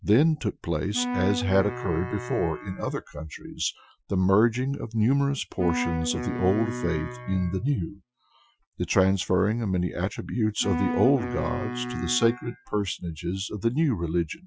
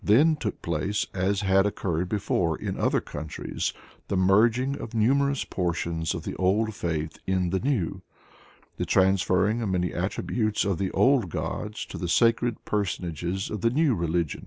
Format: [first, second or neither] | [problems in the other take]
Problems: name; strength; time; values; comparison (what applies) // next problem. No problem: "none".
second | noise reduction (classical method Wiener filter)